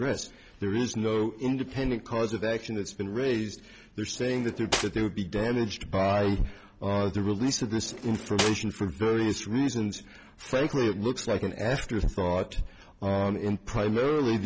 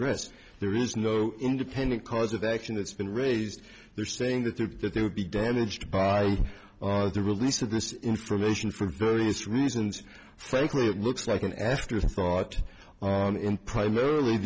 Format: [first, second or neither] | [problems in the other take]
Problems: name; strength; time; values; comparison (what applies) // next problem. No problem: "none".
second | background sound (Cutlery, silverware); 7 dB below the speech